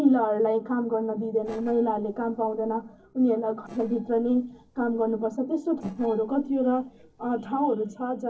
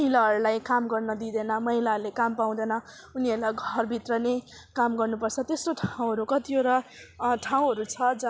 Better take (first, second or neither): second